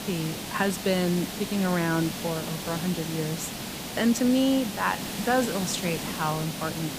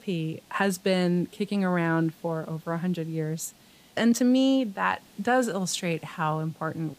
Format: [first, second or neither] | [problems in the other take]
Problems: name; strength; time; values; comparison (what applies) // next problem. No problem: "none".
second | hiss; loud; throughout; 6 dB below the speech; faint in the second